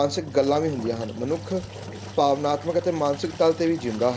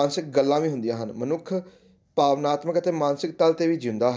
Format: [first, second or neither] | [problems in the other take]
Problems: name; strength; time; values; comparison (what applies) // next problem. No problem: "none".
second | background sound (Engine); 14 dB below the speech